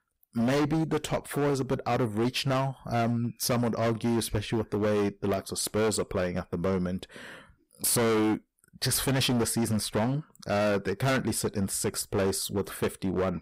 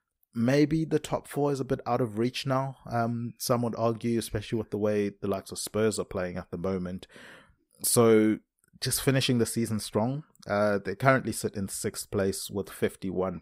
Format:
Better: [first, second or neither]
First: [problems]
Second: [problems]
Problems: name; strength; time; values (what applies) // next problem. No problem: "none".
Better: second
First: distortion; heavy; 18% of the sound clipped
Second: none